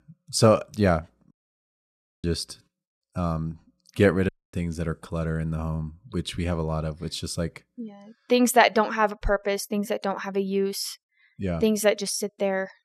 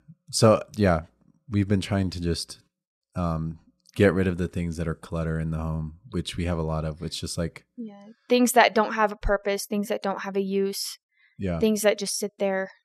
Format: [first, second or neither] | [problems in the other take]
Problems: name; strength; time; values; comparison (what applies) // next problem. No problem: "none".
second | audio cutting out; at 1.5 s for 1 s and at 4.5 s